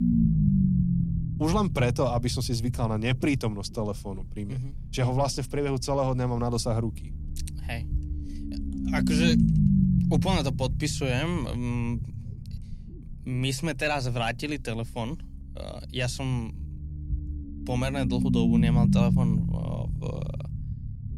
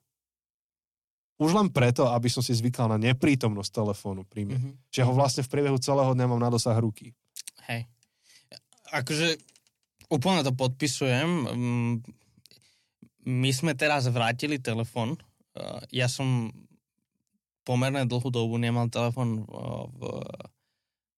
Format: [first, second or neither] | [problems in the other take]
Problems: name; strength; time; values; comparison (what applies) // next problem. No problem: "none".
second | low rumble; loud; throughout; 4 dB below the speech